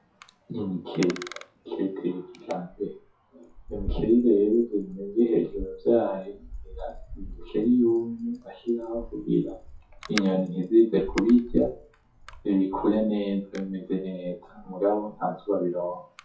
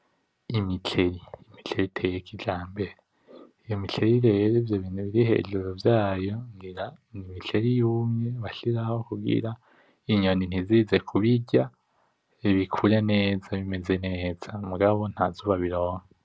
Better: second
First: noise reduction (classical method WPE with log-MMSE)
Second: none

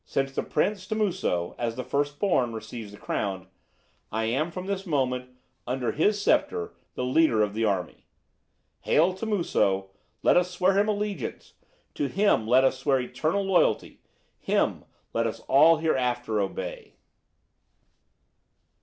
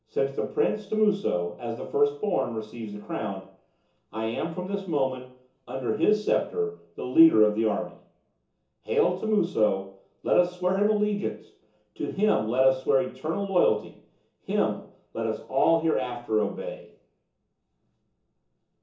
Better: first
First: none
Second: room echo; dies away in 0.6 s

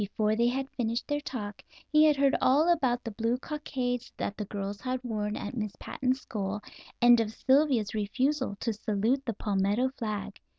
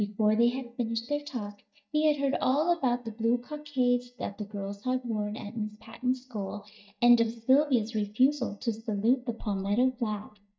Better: first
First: none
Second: noise reduction (neural mask model DeepFilterNet 3)

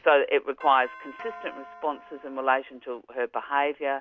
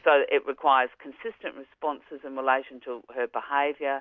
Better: second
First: background sound (Doorbell); 17 dB below the speech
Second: none

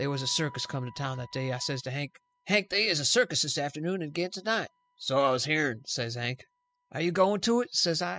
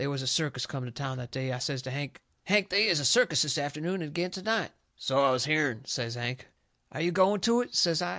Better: second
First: noise reduction (classical method spectral subtraction)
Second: none

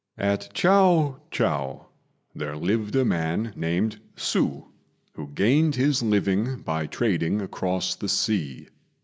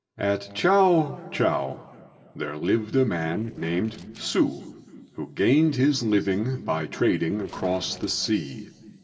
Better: first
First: none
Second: noise reduction (neural separator model SepFormer DNS4)

